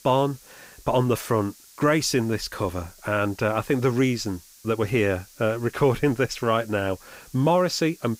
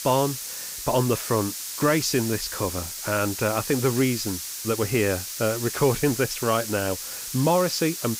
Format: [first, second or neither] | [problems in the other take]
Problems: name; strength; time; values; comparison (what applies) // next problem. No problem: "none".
first | hiss; loud; throughout; 6 dB below the speech; faint in the first